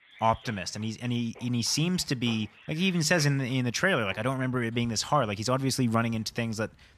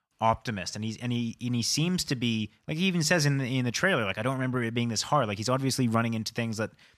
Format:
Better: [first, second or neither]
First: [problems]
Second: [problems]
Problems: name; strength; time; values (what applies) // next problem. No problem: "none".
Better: second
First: machinery noise; faint; throughout; 25 dB below the speech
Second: none